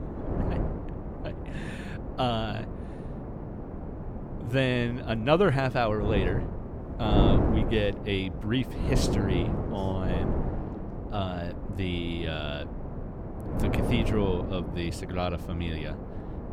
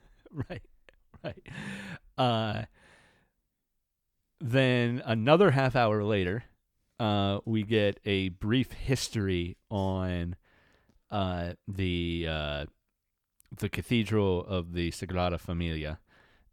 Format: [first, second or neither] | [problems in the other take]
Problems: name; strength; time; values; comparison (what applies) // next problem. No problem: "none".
second | wind noise on the microphone; heavy; 6 dB below the speech